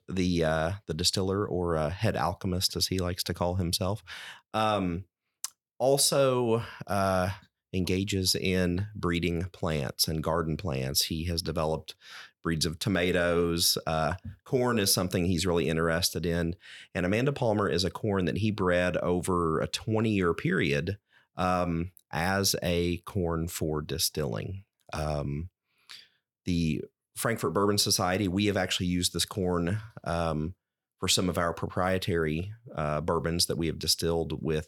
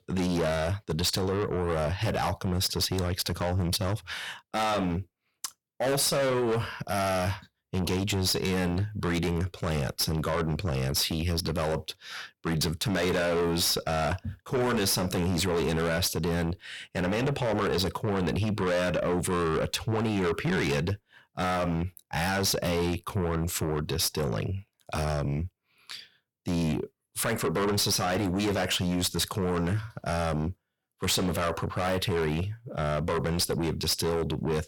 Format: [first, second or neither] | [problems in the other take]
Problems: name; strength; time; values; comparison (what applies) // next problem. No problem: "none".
first | distortion; heavy; 6 dB below the speech